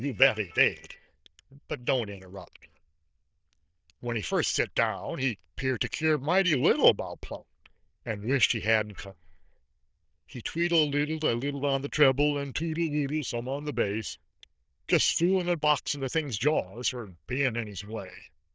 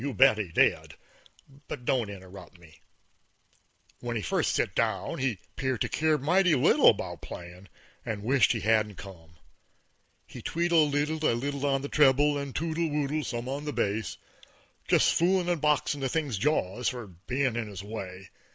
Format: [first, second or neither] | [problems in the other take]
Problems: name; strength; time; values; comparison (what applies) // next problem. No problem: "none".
second | noise reduction (neural diffusion model UNIVERSE++)